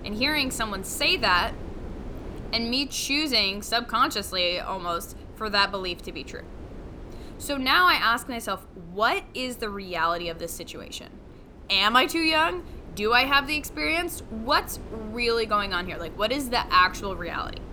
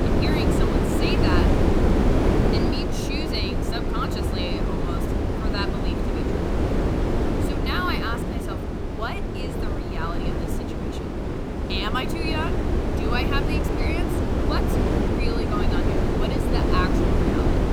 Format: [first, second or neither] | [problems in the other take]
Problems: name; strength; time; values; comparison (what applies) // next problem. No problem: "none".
first | wind noise on the microphone; heavy; 2 dB above the speech; occasional gusts in the first